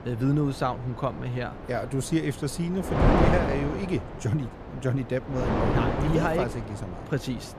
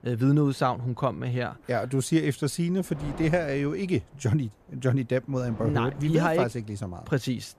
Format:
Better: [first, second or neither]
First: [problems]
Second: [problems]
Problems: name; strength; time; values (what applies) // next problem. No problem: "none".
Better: second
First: wind noise on the microphone; heavy; 2 dB above the speech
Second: wind noise on the microphone; occasional gusts; 20 dB below the speech